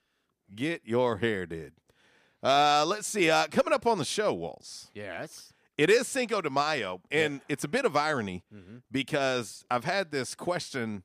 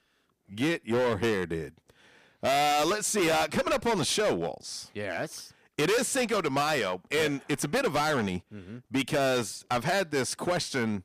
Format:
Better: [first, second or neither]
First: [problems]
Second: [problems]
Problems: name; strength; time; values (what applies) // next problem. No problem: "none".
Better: first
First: none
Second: distortion; heavy; 16% of the sound clipped